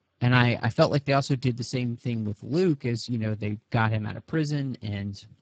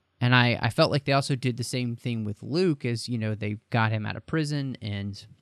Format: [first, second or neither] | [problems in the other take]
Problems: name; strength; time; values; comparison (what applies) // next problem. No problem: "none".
second | garbled, watery; badly; nothing above 7.5 kHz